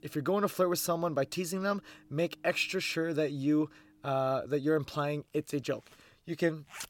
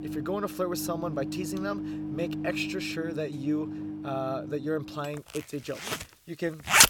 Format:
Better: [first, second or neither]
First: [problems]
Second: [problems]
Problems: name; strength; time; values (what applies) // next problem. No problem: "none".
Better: first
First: household noises; faint; throughout; 30 dB below the speech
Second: household noises; loud; throughout; 2 dB below the speech